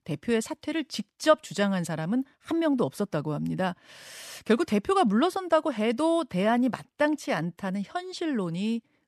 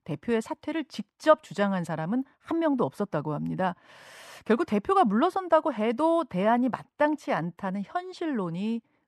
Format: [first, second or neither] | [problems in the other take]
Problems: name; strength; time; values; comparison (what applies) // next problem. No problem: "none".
first | muffled; slightly; fading above 3 kHz